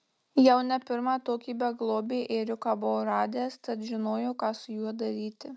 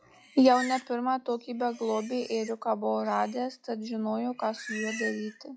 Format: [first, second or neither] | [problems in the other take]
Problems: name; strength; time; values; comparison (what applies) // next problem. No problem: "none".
first | noise reduction (classical method log-MMSE)